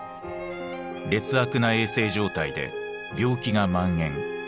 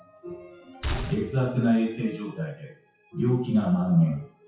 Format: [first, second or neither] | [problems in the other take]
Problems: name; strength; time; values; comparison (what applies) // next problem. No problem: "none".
first | noise reduction (classical method WPE with log-MMSE)